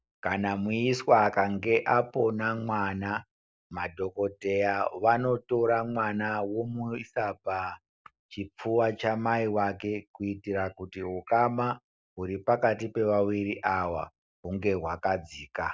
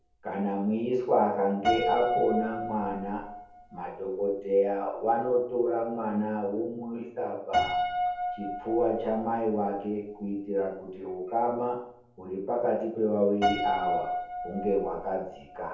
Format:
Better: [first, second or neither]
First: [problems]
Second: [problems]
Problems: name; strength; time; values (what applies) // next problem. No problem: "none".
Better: first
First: none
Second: background sound (Piano); 6 dB below the speech // room echo; dies away in 0.7 s